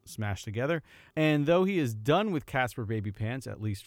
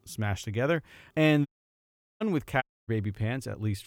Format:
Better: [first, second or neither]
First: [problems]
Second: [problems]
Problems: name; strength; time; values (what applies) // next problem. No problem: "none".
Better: first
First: none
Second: audio cutting out; at 1.5 s for 0.5 s and at 2.5 s